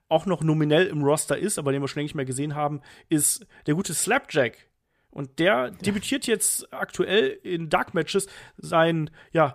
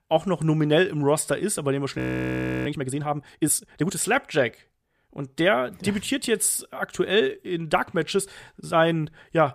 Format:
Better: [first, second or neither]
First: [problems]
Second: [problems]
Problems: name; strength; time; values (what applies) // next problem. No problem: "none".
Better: first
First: none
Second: audio freezing; at 2 s for 0.5 s